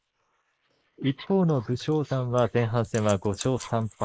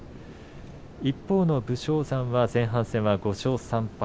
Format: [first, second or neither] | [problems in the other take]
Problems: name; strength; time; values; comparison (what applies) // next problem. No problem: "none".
second | noise reduction (neural mask model Resemble Enhance denoiser)